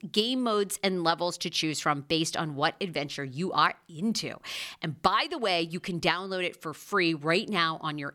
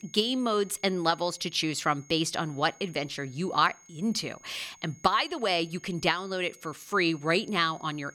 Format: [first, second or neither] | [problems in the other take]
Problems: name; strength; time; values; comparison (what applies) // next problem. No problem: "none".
first | high-pitched whine; faint; throughout; 6.5 kHz, 25 dB below the speech